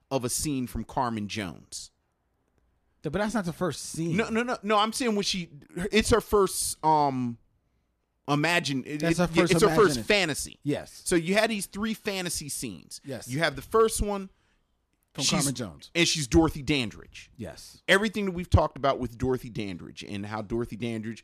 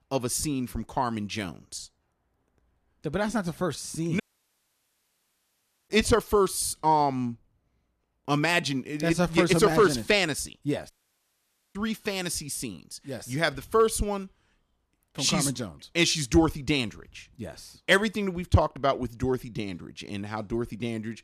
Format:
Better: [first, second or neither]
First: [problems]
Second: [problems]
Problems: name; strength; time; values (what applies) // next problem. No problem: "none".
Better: first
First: none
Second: audio cutting out; at 4 s for 1.5 s and at 11 s for 1 s